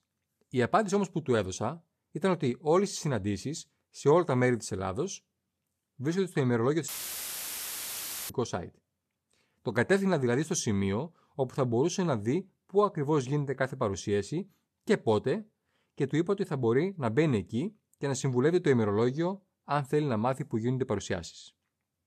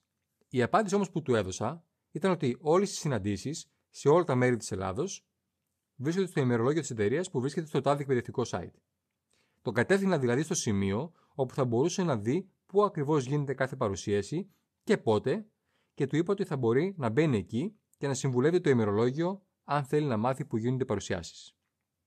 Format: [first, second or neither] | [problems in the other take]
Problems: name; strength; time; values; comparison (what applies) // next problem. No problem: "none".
second | audio cutting out; filled with static; at 7 s for 1.5 s